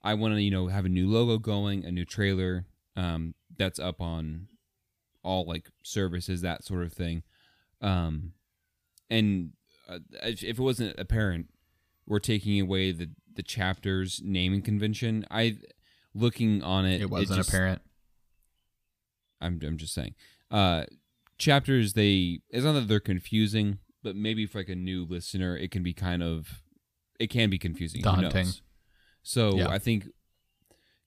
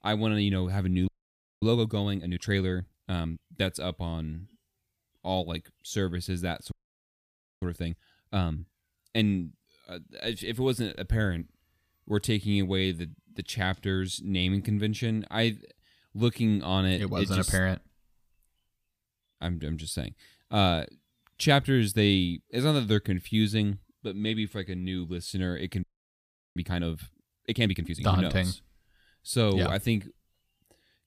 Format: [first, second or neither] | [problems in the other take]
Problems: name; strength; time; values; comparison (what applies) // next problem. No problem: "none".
first | audio freezing; at 1 s for 0.5 s, at 6.5 s for 1 s and at 26 s for 0.5 s